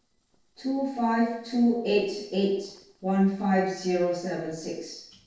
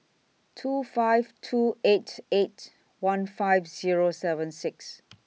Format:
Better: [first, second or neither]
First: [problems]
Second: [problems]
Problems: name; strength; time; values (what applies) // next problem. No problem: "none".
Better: second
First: noise reduction (neural separator model SepFormer DNS4)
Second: none